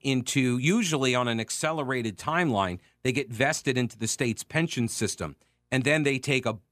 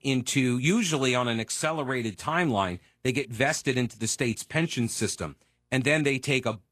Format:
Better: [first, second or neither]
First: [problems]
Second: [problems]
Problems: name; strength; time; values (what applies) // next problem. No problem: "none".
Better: first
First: none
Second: garbled, watery; slightly; nothing above 12.5 kHz